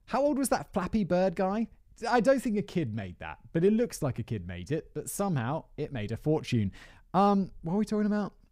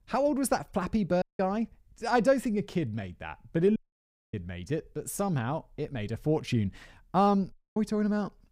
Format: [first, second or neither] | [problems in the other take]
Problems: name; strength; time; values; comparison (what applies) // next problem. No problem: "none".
first | audio cutting out; at 1 s, at 4 s for 0.5 s and at 7.5 s